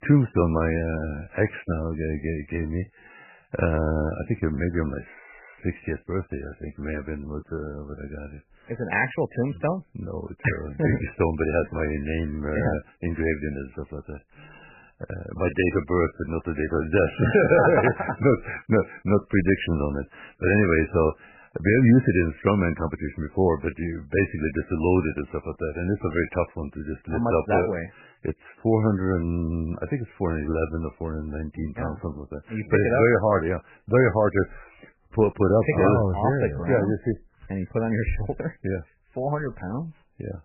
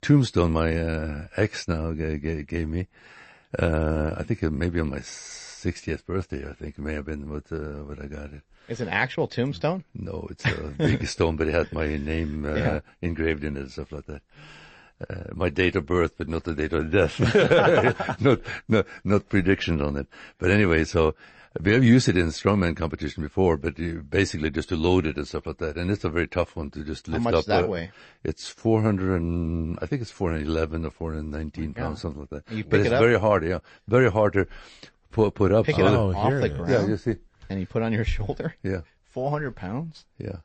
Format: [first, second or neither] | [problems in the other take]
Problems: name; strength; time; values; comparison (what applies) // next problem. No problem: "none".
second | garbled, watery; badly; nothing above 2.5 kHz; slightly in the second